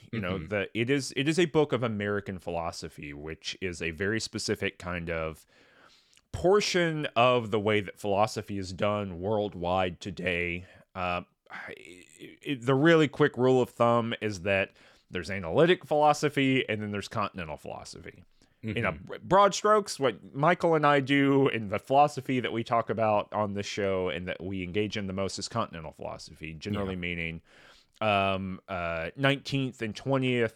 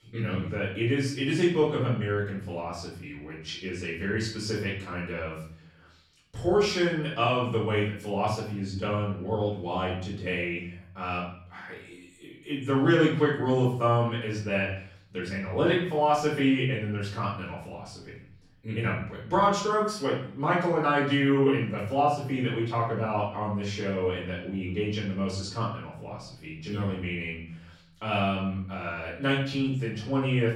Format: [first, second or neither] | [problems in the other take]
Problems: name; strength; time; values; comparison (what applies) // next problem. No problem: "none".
first | off-mic speech; far // room echo; noticeable; dies away in 0.6 s